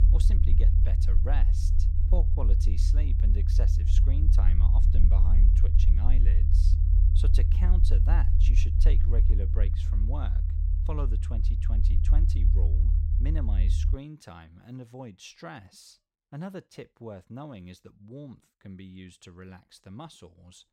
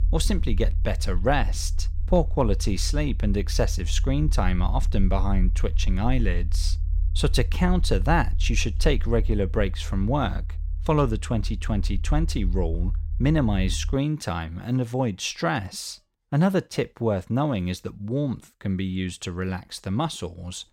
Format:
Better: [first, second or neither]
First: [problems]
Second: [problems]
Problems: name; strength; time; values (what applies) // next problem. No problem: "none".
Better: second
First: low rumble; loud; until 14 s; as loud as the speech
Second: low rumble; faint; until 14 s; 20 dB below the speech